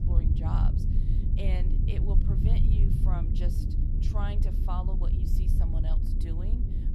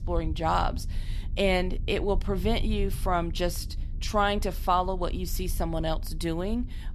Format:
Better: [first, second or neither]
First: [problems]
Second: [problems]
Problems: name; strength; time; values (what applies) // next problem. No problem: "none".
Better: second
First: low rumble; loud; throughout; as loud as the speech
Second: low rumble; faint; throughout; 25 dB below the speech